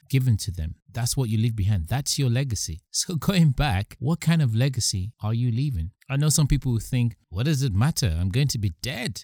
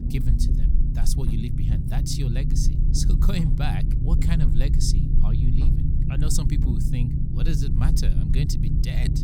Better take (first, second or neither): first